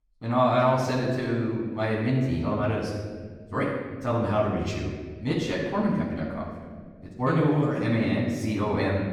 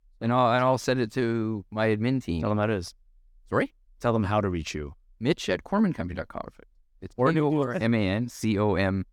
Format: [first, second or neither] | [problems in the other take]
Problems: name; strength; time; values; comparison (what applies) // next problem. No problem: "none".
second | off-mic speech; far // room echo; noticeable; dies away in 1.4 s